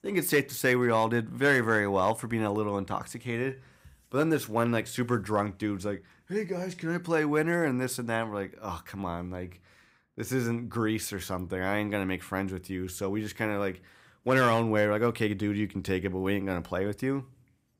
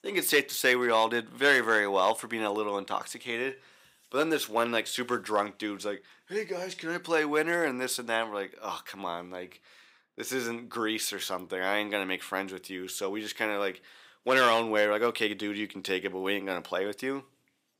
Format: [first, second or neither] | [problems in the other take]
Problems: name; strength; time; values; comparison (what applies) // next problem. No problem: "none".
first | thin; somewhat; fading below 350 Hz